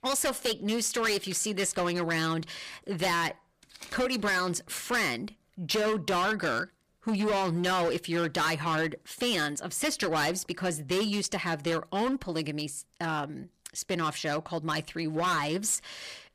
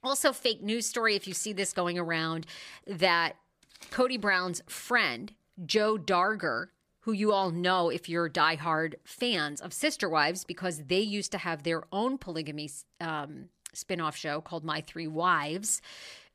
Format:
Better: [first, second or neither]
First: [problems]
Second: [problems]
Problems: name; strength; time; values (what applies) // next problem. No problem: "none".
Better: second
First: distortion; heavy; 15% of the sound clipped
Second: none